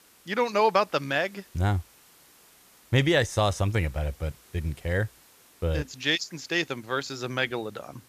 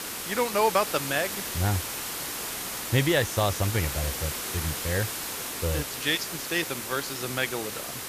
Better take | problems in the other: first | hiss; loud; throughout; 3 dB below the speech; faint in the first

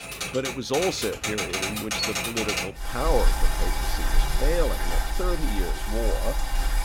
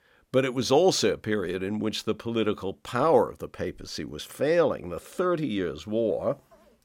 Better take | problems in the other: second | household noises; very loud; throughout; 2 dB above the speech

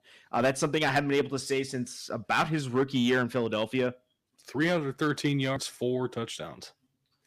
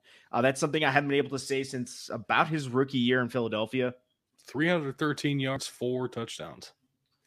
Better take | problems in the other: second | distortion; slight; 2% of the sound clipped

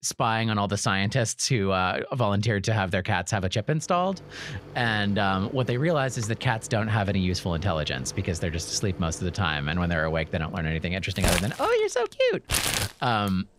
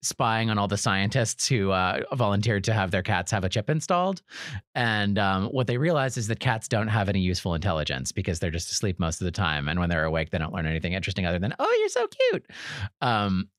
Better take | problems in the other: second | household noises; loud; from 4 s on; 8 dB below the speech

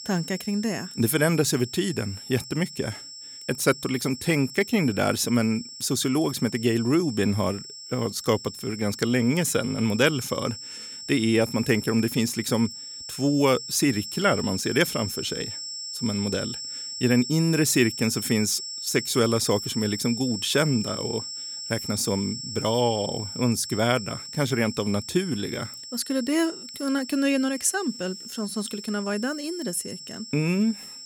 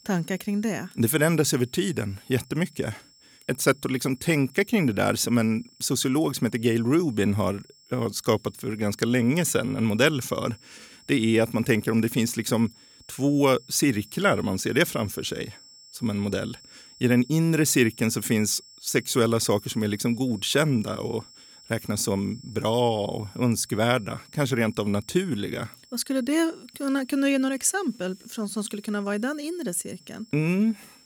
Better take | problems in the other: second | high-pitched whine; loud; throughout; 5.5 kHz, 9 dB below the speech; faint in the second

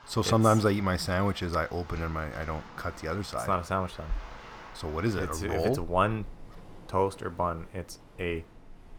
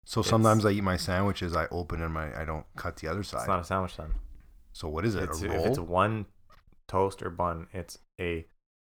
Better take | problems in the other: second | rain or running water; noticeable; throughout; 20 dB below the speech

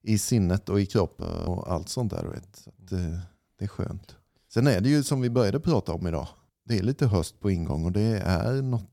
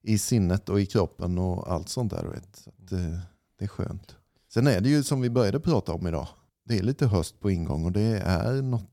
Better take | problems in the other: second | audio freezing; at 1 s

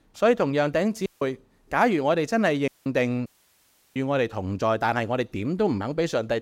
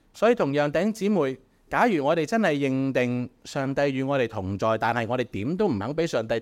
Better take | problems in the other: second | audio cutting out; at 1 s, at 2.5 s and at 3.5 s for 0.5 s

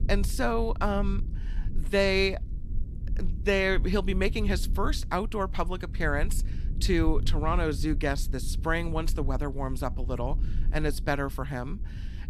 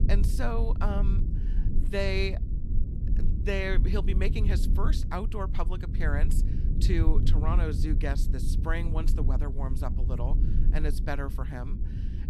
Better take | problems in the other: first | low rumble; loud; throughout; 9 dB below the speech; faint in the first

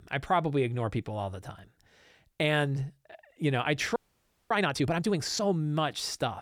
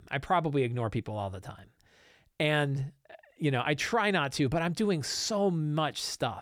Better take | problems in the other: second | audio freezing; at 4 s for 0.5 s

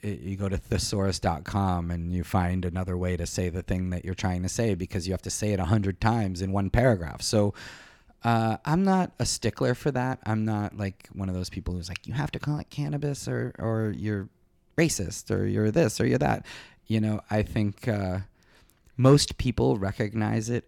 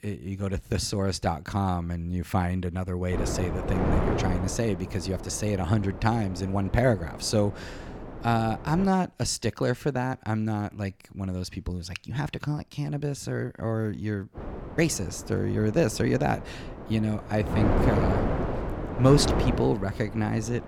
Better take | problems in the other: first | wind noise on the microphone; heavy; from 3 to 9 s and from 14 s on; 5 dB below the speech

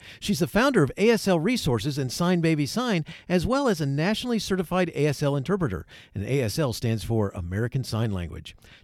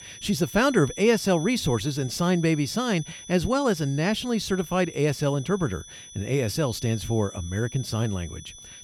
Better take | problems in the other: first | high-pitched whine; noticeable; throughout; 6 kHz, 15 dB below the speech

